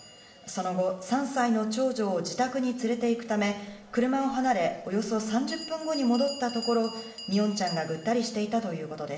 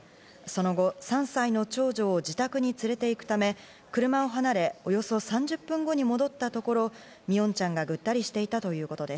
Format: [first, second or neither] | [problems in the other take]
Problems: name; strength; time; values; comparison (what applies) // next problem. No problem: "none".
second | background sound (Bell); 18 dB below the speech // room echo; dies away in 2 s